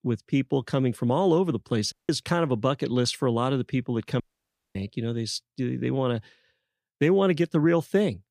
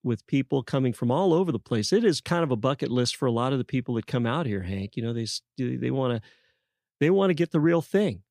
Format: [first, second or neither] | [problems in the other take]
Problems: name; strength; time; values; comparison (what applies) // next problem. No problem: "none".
second | audio cutting out; at 2 s and at 4 s for 0.5 s